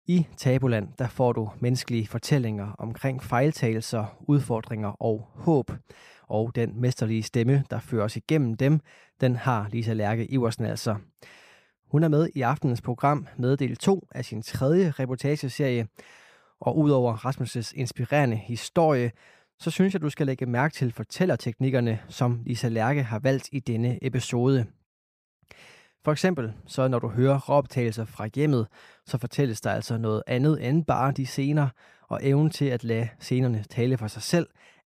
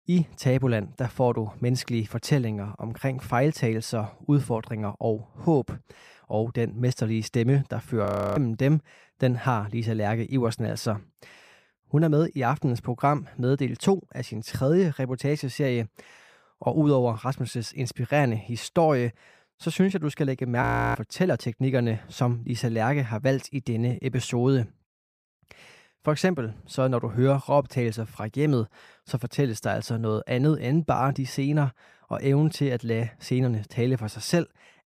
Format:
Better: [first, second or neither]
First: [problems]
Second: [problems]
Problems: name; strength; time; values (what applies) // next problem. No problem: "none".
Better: first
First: none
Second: audio freezing; at 8 s and at 21 s